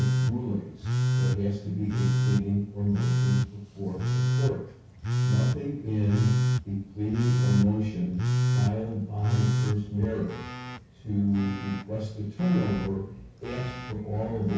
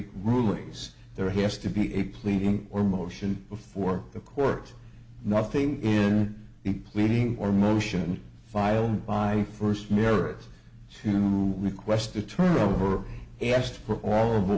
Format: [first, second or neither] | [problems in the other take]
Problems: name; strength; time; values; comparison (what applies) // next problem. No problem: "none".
second | background sound (Telephone); 1 dB above the speech // room echo; dies away in 0.6 s